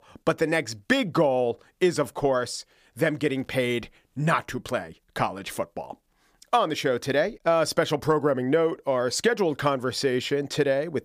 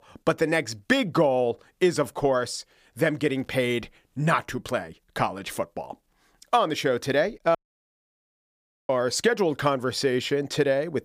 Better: first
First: none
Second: audio cutting out; at 7.5 s for 1.5 s

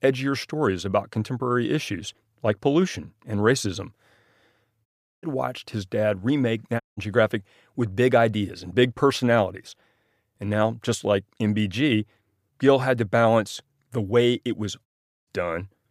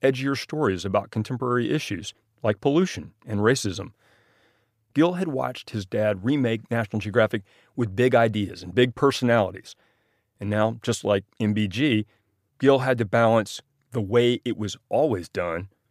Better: second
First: audio cutting out; at 5 s, at 7 s and at 15 s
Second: none

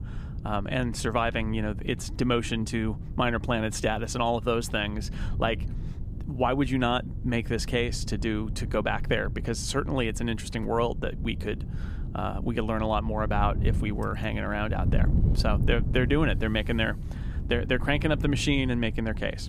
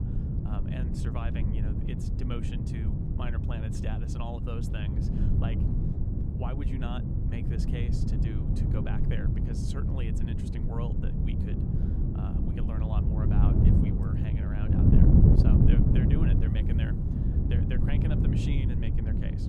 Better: first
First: wind noise on the microphone; occasional gusts; 15 dB below the speech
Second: wind noise on the microphone; heavy; 5 dB above the speech

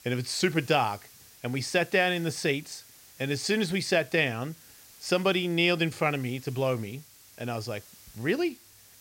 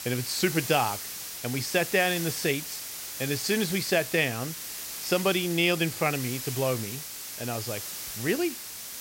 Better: first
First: hiss; faint; throughout; 20 dB below the speech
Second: hiss; loud; throughout; 7 dB below the speech

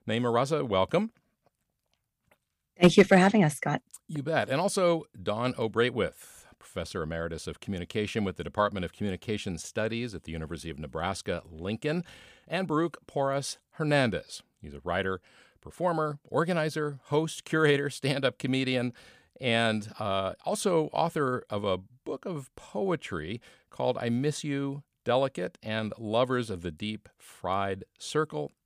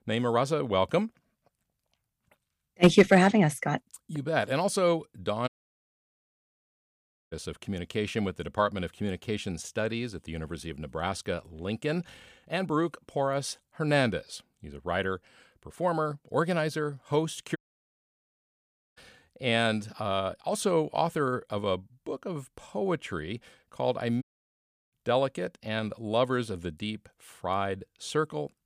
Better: first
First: none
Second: audio cutting out; at 5.5 s for 2 s, at 18 s for 1.5 s and at 24 s for 0.5 s

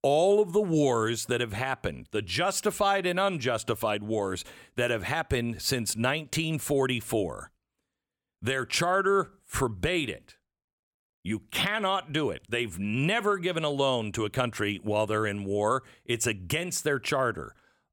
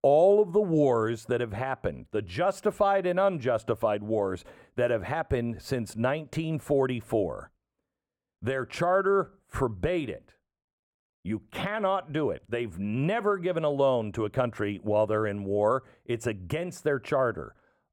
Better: first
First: none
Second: muffled; very; fading above 2 kHz

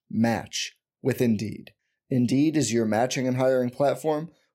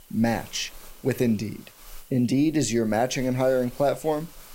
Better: first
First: none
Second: hiss; faint; throughout; 20 dB below the speech

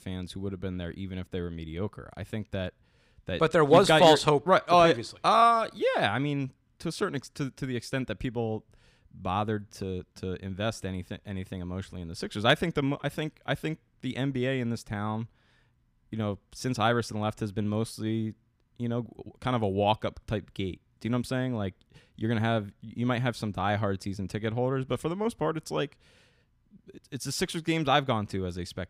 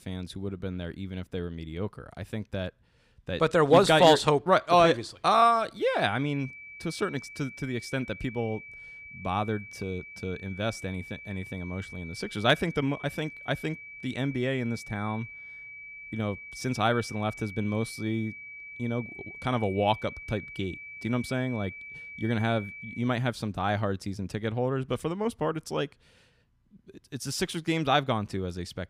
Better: first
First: none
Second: high-pitched whine; noticeable; from 6 to 23 s; 2.5 kHz, 15 dB below the speech

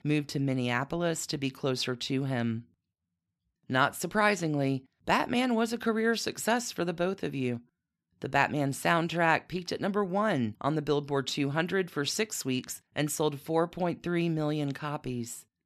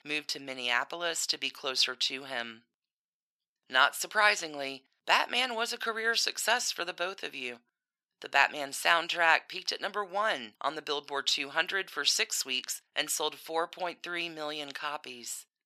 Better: first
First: none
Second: thin; very; fading below 700 Hz

